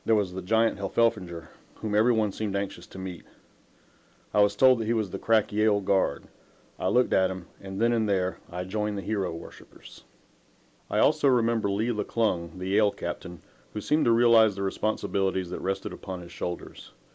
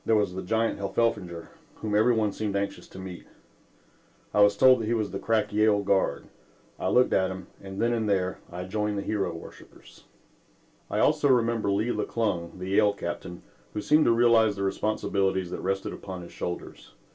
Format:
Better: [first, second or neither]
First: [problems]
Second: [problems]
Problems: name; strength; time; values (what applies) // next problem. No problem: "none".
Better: first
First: none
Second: room echo; dies away in 0.2 s